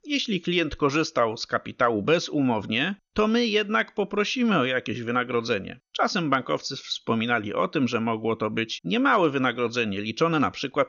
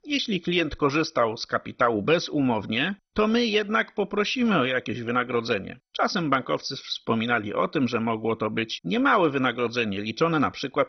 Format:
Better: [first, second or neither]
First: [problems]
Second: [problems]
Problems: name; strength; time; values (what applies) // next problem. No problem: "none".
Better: first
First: garbled, watery; slightly; nothing above 6.5 kHz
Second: garbled, watery; badly; nothing above 6 kHz